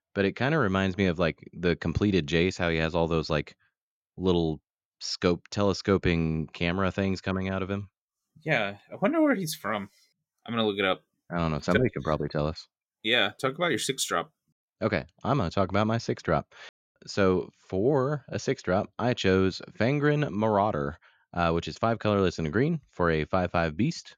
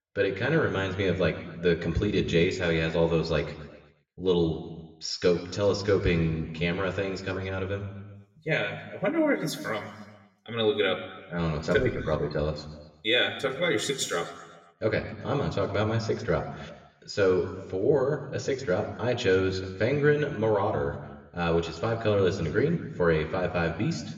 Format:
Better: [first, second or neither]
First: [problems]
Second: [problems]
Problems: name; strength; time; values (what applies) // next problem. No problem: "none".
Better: first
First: none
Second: room echo; slight; dies away in 1.1 s // off-mic speech; somewhat distant